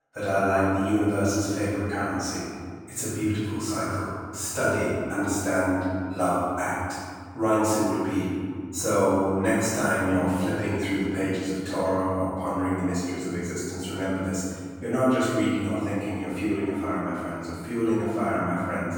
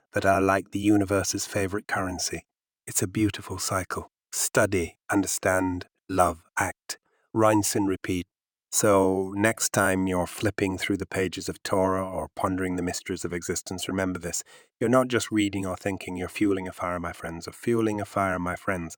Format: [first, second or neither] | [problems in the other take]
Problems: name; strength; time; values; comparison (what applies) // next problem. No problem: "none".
second | off-mic speech; far // room echo; strong; dies away in 2 s